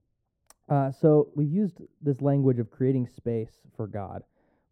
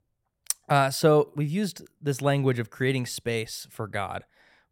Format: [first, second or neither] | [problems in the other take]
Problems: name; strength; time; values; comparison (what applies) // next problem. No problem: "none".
second | muffled; very; fading above 1.5 kHz